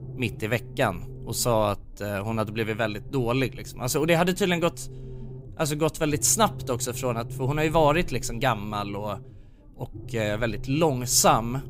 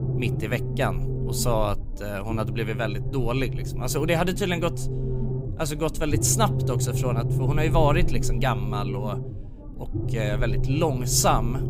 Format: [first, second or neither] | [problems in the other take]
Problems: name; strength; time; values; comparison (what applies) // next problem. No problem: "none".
first | low rumble; loud; throughout; 10 dB below the speech; faint in the first